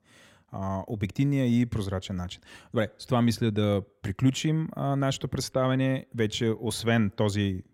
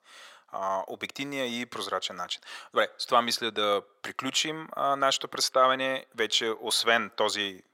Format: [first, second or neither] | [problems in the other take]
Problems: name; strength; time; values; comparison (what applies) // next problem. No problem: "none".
first | thin; very; fading below 650 Hz